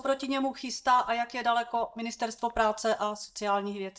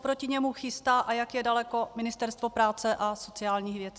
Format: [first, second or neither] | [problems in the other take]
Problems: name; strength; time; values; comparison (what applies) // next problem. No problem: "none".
second | noise reduction (neural mask model DeepFilterNet 3)